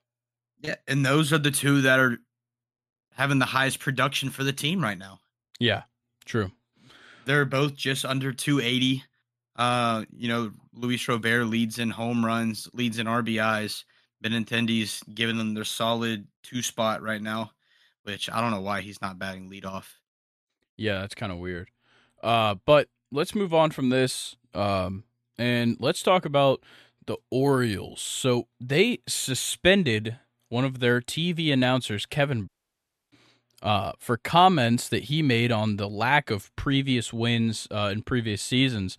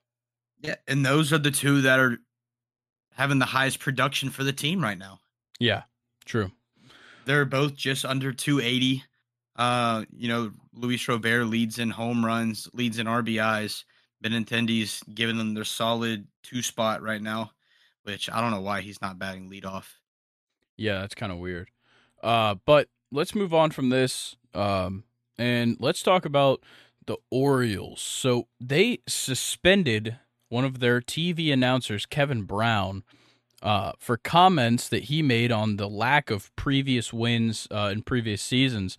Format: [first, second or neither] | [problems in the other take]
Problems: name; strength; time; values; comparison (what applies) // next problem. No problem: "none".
second | audio cutting out; at 32 s for 0.5 s